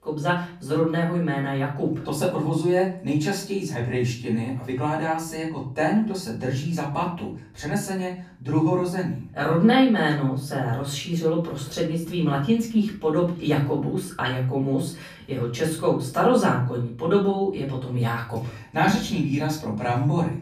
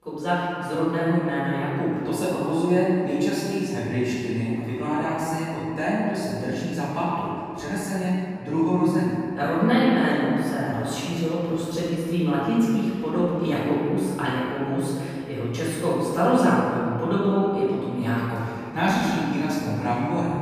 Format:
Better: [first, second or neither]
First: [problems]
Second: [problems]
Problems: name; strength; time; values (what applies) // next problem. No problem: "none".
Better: first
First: room echo; slight; dies away in 0.4 s // off-mic speech; far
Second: room echo; strong; dies away in 2.2 s // off-mic speech; far